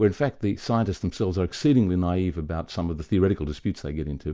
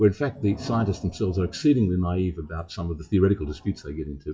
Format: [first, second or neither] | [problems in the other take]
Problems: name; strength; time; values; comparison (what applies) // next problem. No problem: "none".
first | noise reduction (classical method WPE with log-MMSE)